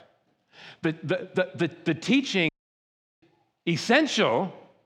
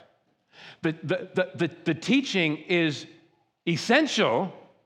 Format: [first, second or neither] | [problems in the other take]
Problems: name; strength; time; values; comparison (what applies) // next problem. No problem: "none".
second | audio cutting out; at 2.5 s for 0.5 s